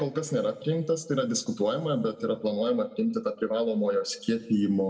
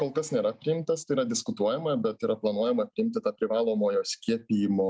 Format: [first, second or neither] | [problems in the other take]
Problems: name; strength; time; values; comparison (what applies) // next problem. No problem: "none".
second | room echo; dies away in 0.7 s